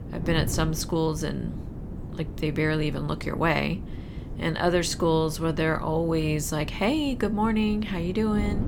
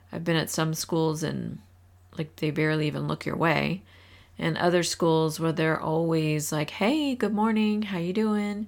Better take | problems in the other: second | wind noise on the microphone; occasional gusts; 15 dB below the speech

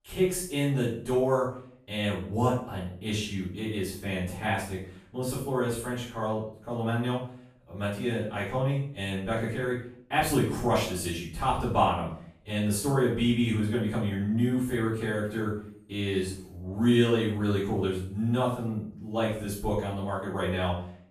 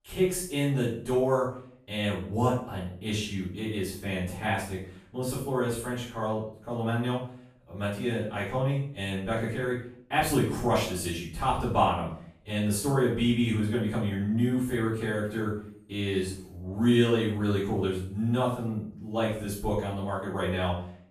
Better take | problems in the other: neither | off-mic speech; far; the same in both // room echo; noticeable; dies away in 0.5 s; the same in both

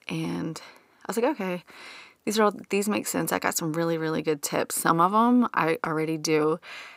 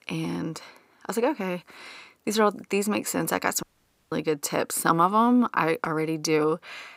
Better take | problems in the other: first | audio cutting out; at 3.5 s

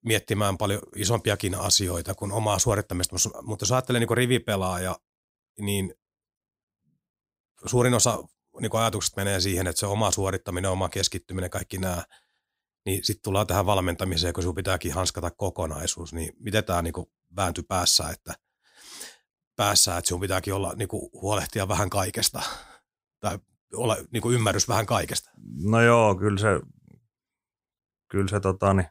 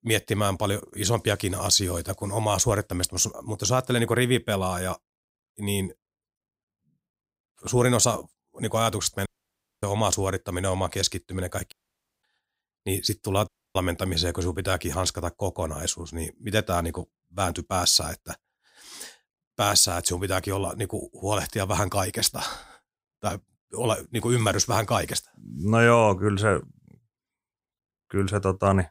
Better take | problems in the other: first | audio cutting out; at 9.5 s for 0.5 s, at 12 s for 0.5 s and at 13 s

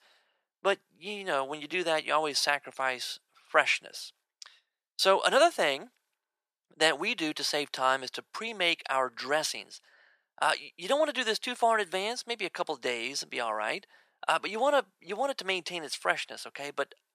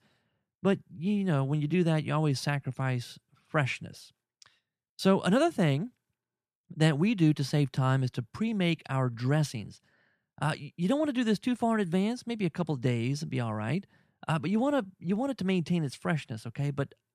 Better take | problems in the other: second | thin; very; fading below 550 Hz

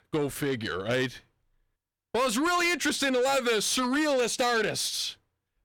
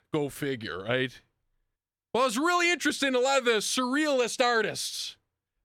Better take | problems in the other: second | distortion; slight; 10 dB below the speech

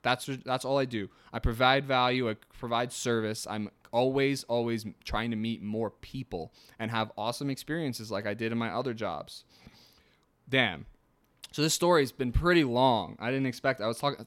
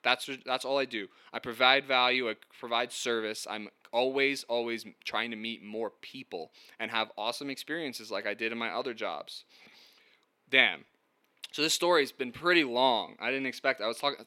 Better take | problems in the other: first | thin; very slightly; fading below 350 Hz

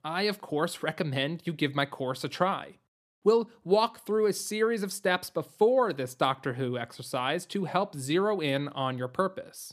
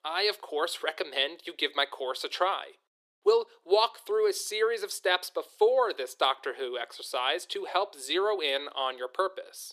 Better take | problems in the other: first | thin; very; fading below 400 Hz

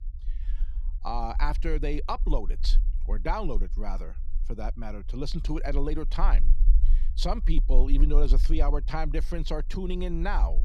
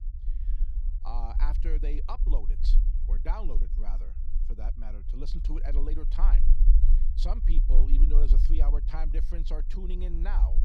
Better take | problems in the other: first | low rumble; loud; throughout; 9 dB below the speech; faint in the first

